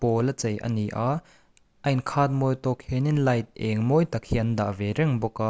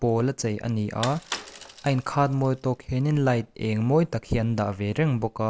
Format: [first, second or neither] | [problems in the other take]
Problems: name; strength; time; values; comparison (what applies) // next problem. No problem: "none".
first | background sound (Bicycle); 15 dB below the speech